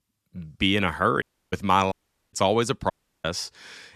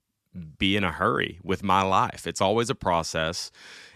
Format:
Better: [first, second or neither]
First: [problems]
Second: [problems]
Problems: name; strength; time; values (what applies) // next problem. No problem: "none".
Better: second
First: audio cutting out; at 1 s, at 2 s and at 3 s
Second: none